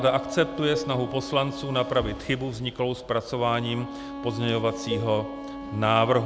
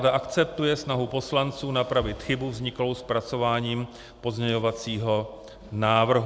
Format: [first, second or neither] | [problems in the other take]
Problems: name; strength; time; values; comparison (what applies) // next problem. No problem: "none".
second | background sound (Bowed string instrument + Dishes, pots, and pans); 11 dB below the speech